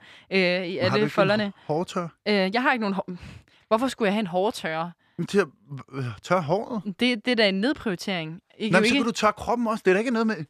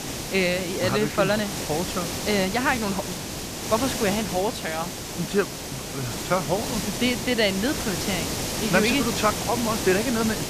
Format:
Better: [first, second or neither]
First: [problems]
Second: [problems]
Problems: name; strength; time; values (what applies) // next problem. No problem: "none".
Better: first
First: none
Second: hiss; loud; throughout; 4 dB below the speech